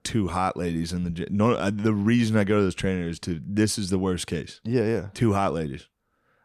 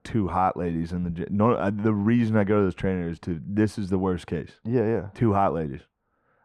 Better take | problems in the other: first | muffled; very; fading above 3 kHz

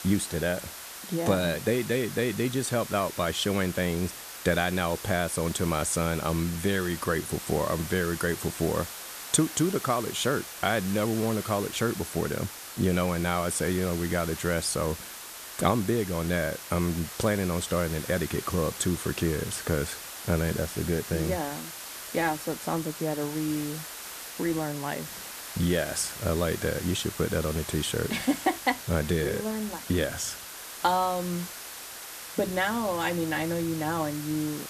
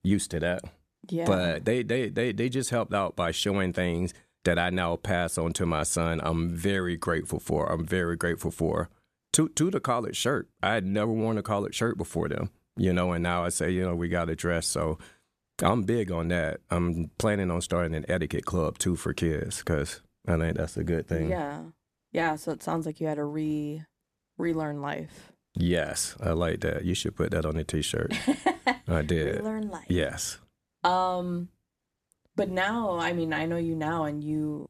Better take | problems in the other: second | hiss; loud; throughout; 9 dB below the speech

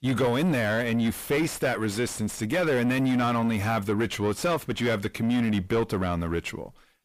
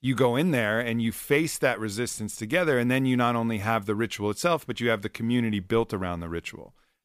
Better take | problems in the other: second | distortion; heavy; 7 dB below the speech

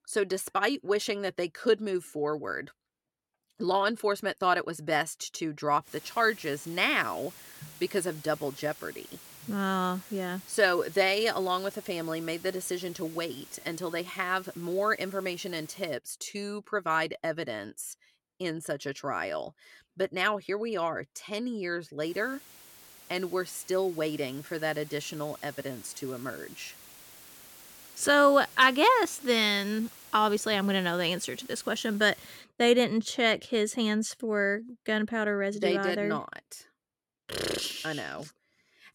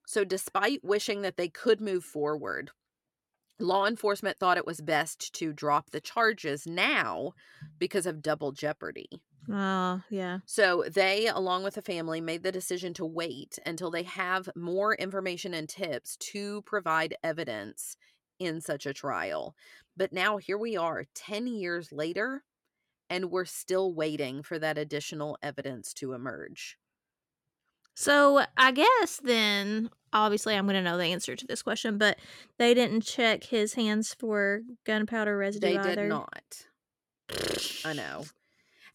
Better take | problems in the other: second | hiss; noticeable; from 6 to 16 s and from 22 to 32 s; 20 dB below the speech

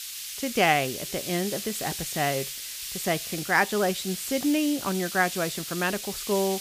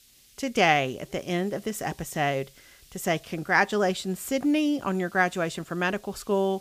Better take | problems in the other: second | hiss; loud; throughout; 6 dB below the speech; faint in the second

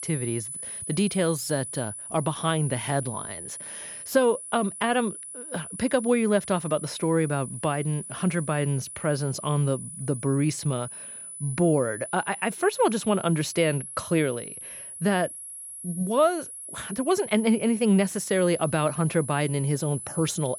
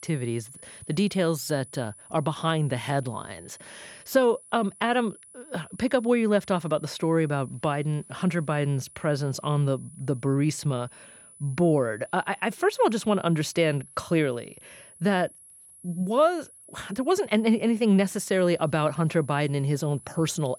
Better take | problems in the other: second | high-pitched whine; loud; throughout; 10 kHz, 10 dB below the speech; faint in the second

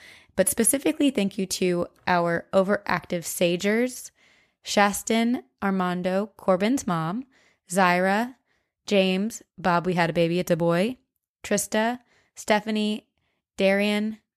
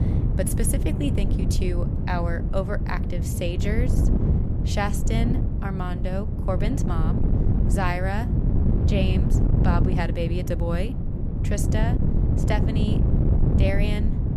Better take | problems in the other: first | wind noise on the microphone; heavy; 4 dB below the speech

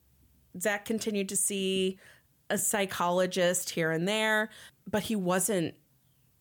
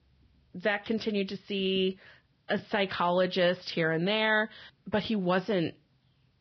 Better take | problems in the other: first | garbled, watery; badly; nothing above 5.5 kHz

